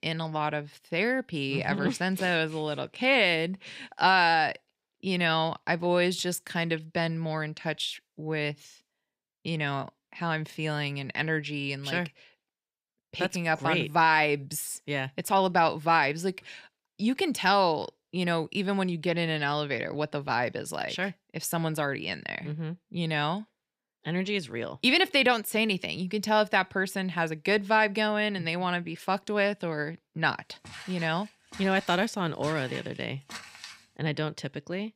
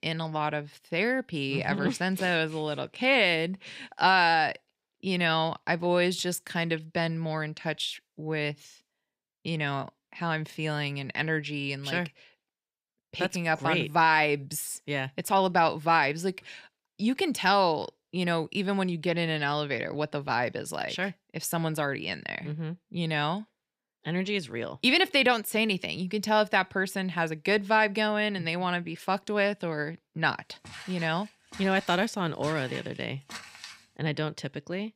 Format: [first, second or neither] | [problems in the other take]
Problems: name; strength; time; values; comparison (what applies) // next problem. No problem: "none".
neither | footsteps; faint; from 31 to 34 s; peak 15 dB below the speech; the same in both